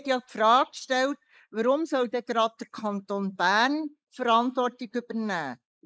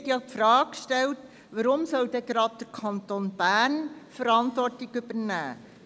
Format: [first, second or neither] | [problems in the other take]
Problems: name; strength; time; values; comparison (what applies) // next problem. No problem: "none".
second | noise reduction (neural mask model Resemble Enhance denoiser)